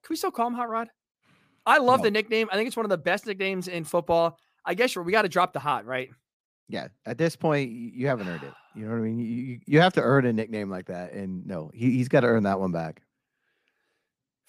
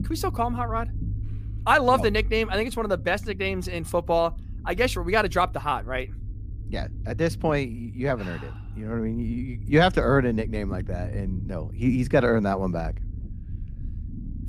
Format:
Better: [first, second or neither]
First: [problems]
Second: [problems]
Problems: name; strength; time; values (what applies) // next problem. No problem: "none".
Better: first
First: none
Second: low rumble; faint; throughout; 25 dB below the speech